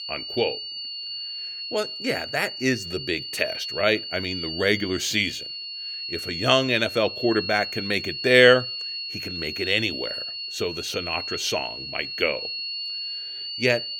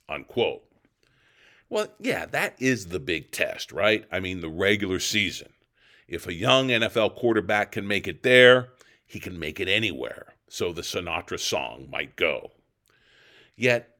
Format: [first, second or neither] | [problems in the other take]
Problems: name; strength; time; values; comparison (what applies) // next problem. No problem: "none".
second | high-pitched whine; loud; throughout; 4.5 kHz, 7 dB below the speech